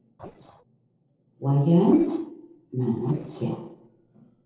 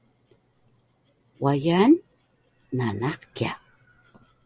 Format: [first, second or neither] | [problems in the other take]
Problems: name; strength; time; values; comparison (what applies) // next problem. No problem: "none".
second | noise reduction (neural separator model SepFormer DNS4)